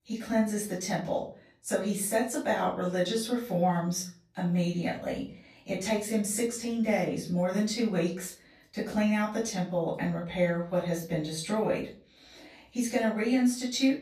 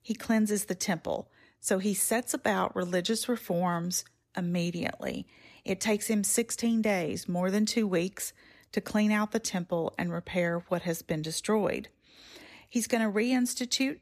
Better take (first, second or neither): second